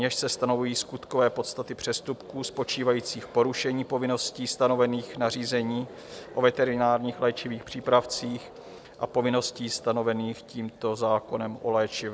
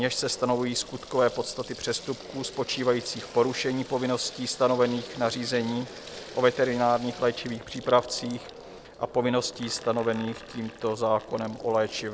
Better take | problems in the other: first | background sound (Sink (filling or washing) / Water tap, faucet); 19 dB below the speech

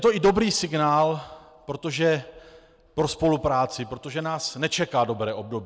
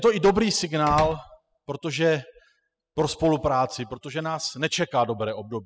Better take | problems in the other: first | noise reduction (classical method spectral subtraction)

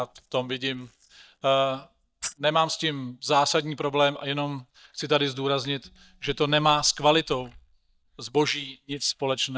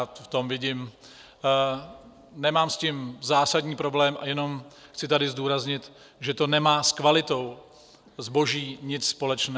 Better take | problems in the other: second | noise reduction (neural mask model DeepFilterNet 3)

